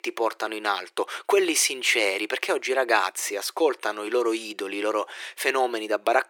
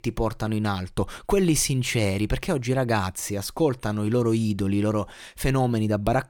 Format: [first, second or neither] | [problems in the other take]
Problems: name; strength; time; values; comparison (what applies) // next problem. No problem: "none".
second | thin; very; fading below 350 Hz